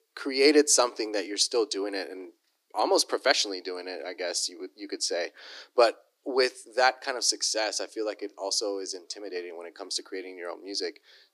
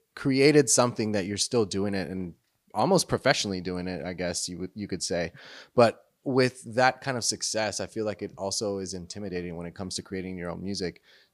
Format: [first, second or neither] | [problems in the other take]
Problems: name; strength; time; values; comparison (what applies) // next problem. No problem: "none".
second | thin; somewhat; fading below 300 Hz